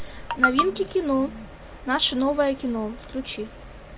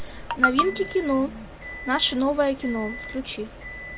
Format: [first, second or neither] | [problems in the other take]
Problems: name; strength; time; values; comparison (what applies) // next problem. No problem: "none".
first | background sound (Microwave oven); 16 dB below the speech